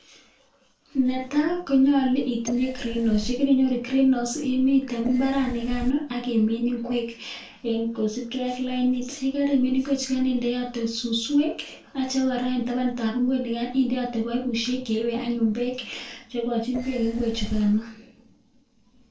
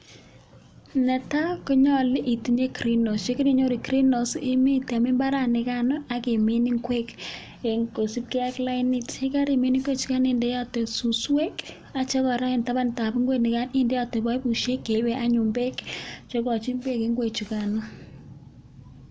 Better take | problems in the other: second | noise reduction (neural separator model SepFormer DNS4)

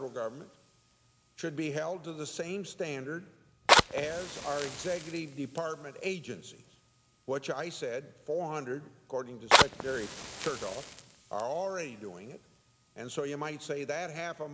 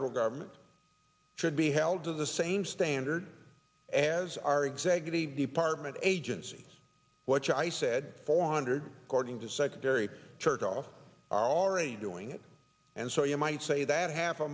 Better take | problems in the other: second | background sound (Fire); 2 dB above the speech

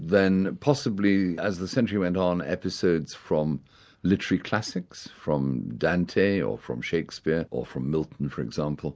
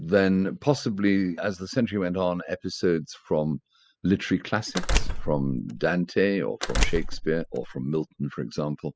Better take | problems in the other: first | noise reduction (classical method spectral subtraction)

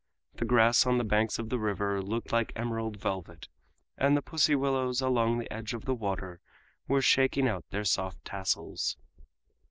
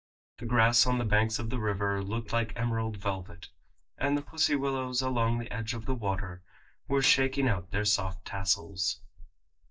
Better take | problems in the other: first | noise reduction (neural mask model DeepFilterNet 3)

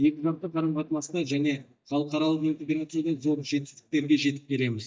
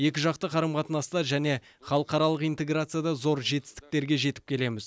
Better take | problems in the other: second | noise reduction (neural mask model DeepFilterNet 3)

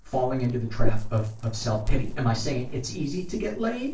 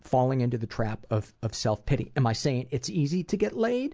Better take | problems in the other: second | noise reduction (neural separator model SepFormer DNS4)

